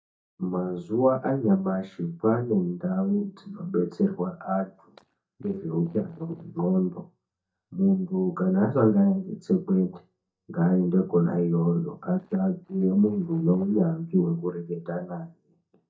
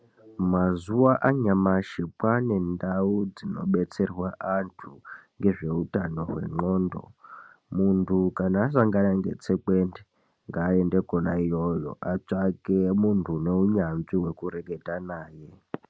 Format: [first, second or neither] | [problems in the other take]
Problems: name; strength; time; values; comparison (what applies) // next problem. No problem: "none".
second | noise reduction (neural mask model DeepFilterNet 3)